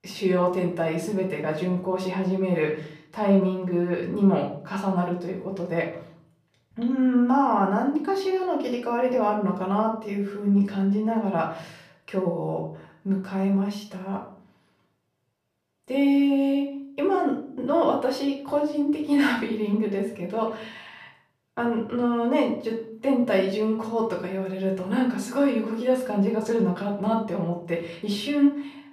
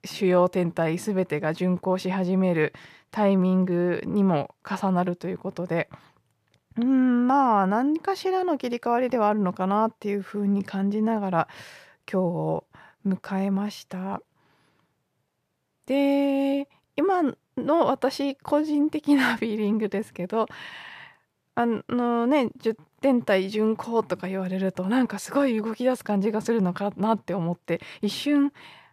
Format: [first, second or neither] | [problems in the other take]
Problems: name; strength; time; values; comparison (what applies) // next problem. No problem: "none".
second | off-mic speech; far // room echo; slight; dies away in 0.4 s